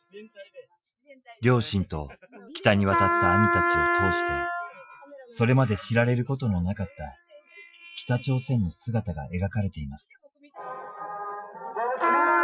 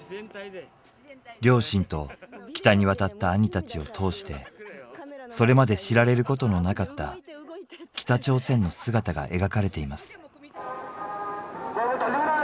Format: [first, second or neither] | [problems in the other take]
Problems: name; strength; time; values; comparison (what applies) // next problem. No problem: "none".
second | noise reduction (classical method Wiener filter)